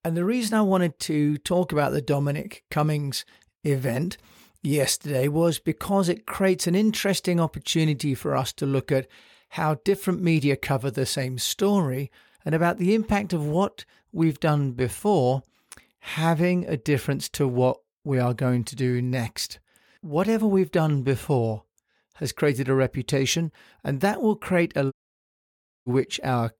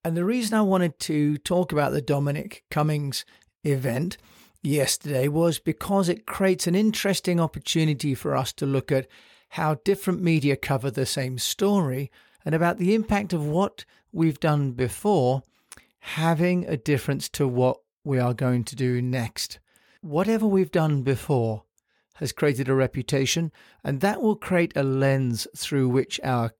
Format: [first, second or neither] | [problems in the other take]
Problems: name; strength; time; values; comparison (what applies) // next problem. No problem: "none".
second | audio cutting out; at 25 s for 1 s